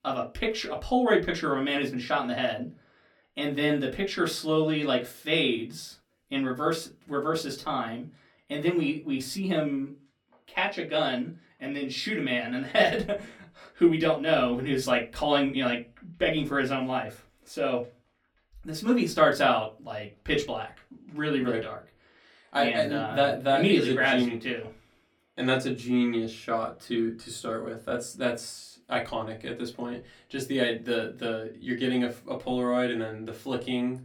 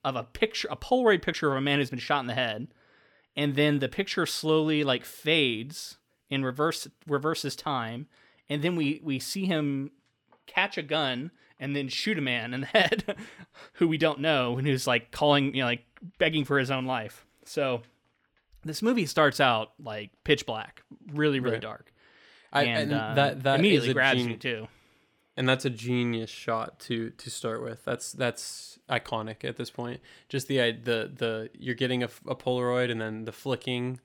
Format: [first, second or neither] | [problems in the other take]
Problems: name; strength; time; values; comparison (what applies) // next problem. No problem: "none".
second | off-mic speech; far // room echo; very slight; dies away in 0.2 s